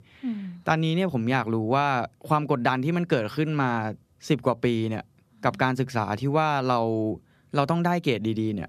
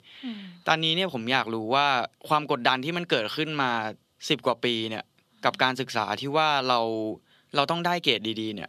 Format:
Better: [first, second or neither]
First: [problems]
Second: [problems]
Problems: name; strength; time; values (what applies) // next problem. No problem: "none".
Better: first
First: none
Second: thin; somewhat; fading below 1 kHz